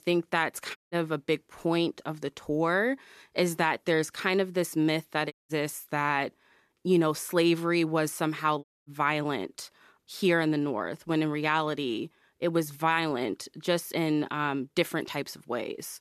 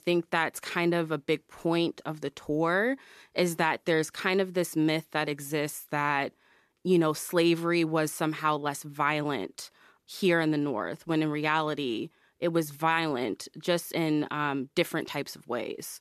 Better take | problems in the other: second | audio cutting out; at 1 s, at 5.5 s and at 8.5 s

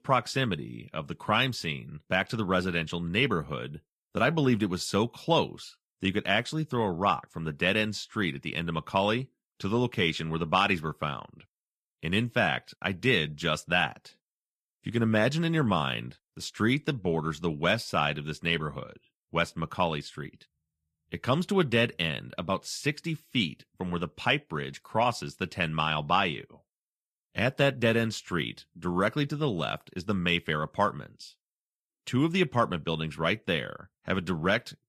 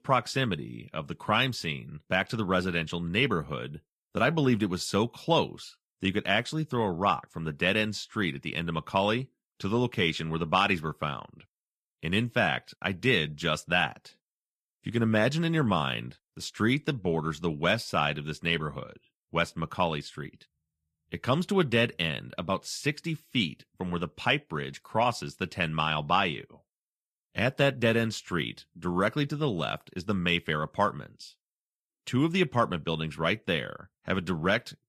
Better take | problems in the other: neither | garbled, watery; slightly; nothing above 14.5 kHz; the same in both

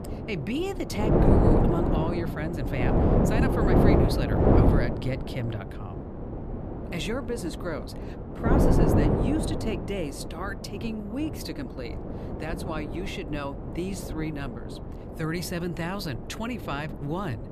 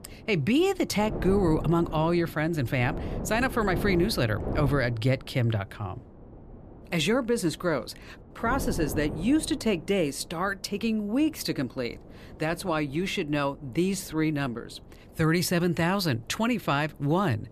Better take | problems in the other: second | wind noise on the microphone; heavy; 4 dB above the speech; occasional gusts in the second

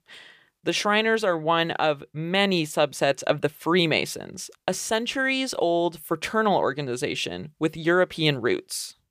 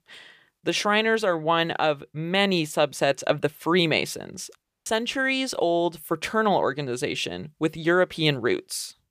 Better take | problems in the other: first | audio cutting out; at 4.5 s

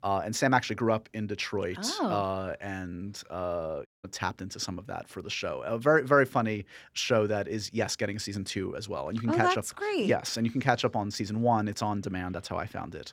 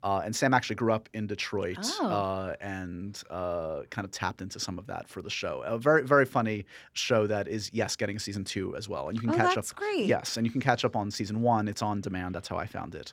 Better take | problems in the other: second | audio cutting out; at 4 s

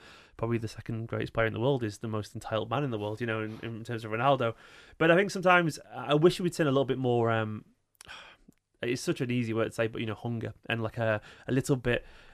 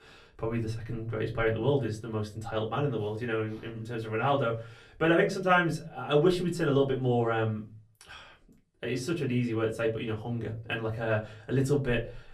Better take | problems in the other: first | off-mic speech; far // room echo; very slight; dies away in 0.3 s

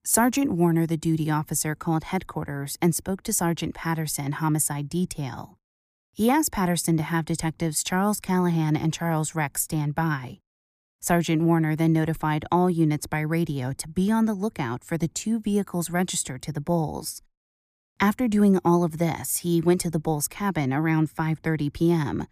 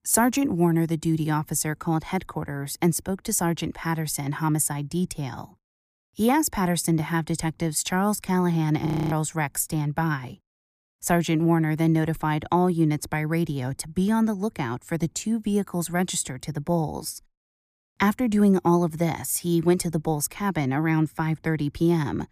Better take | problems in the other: first | audio freezing; at 9 s

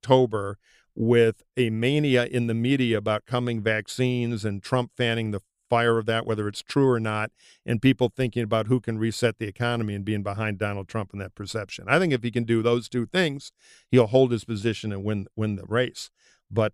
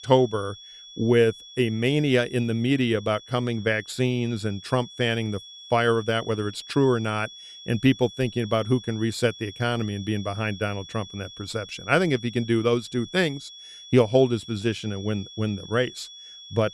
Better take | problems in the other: first | high-pitched whine; noticeable; throughout; 3.5 kHz, 15 dB below the speech

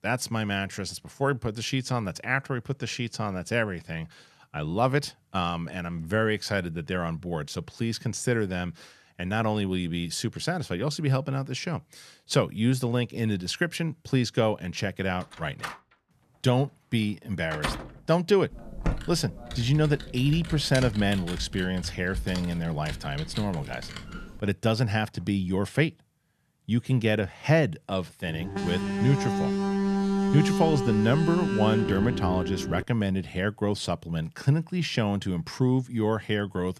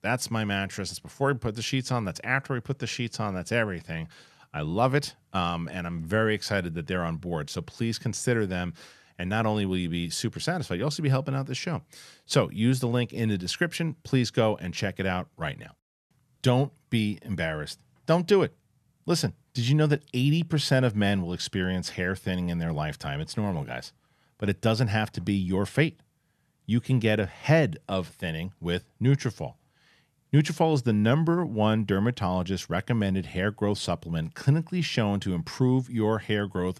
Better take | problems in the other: second | door banging; noticeable; from 15 to 18 s; peak 4 dB below the speech // keyboard typing; noticeable; from 19 to 24 s; peak 5 dB below the speech // alarm; loud; from 28 to 33 s; peak 2 dB above the speech

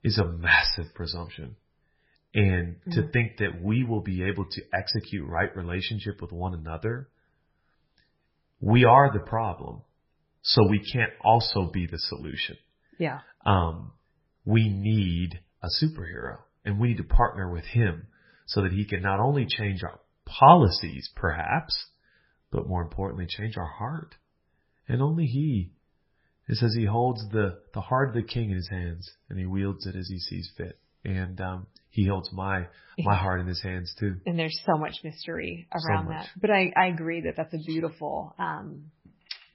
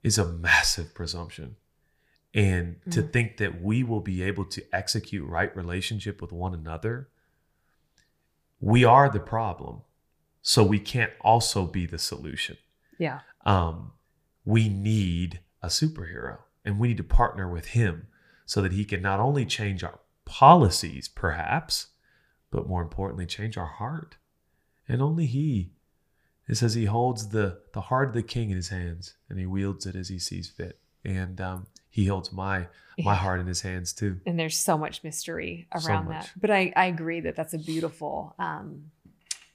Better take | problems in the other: second | garbled, watery; badly; nothing above 5.5 kHz

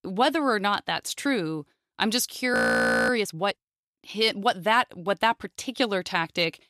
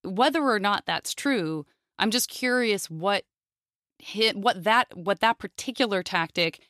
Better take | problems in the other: second | audio freezing; at 2.5 s for 0.5 s

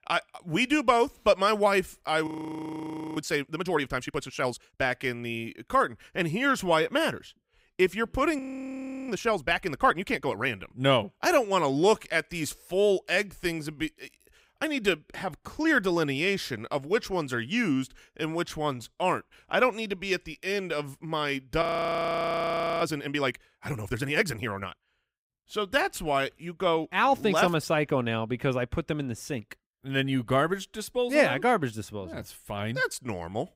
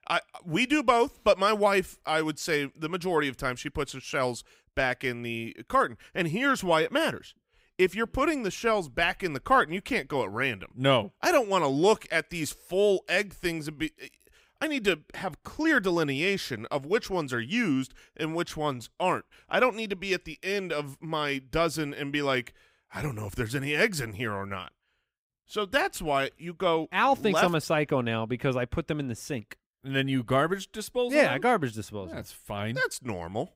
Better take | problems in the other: second | audio freezing; at 2.5 s for 1 s, at 8.5 s for 0.5 s and at 22 s for 1 s

